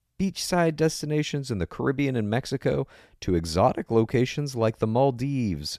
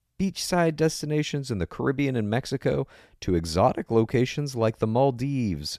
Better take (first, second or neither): neither